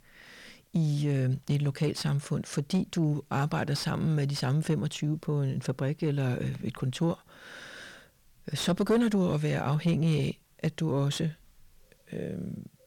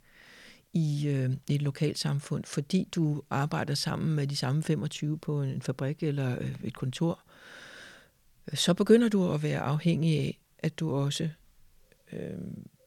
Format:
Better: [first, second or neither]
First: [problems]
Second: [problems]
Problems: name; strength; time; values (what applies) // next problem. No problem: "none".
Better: second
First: distortion; slight; 10 dB below the speech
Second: none